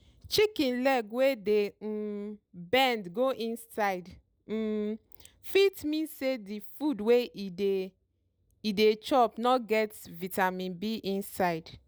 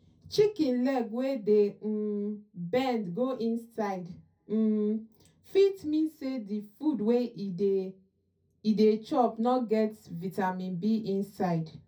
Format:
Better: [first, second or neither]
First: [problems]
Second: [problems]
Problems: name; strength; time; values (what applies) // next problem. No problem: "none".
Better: first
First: none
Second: room echo; dies away in 0.3 s